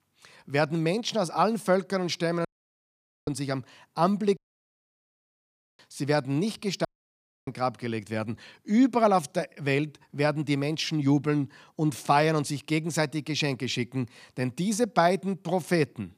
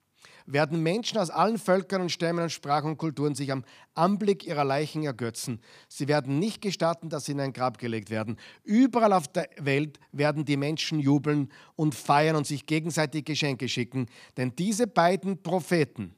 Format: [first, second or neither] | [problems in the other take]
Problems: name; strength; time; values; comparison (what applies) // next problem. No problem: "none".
second | audio cutting out; at 2.5 s for 1 s, at 4.5 s for 1.5 s and at 7 s for 0.5 s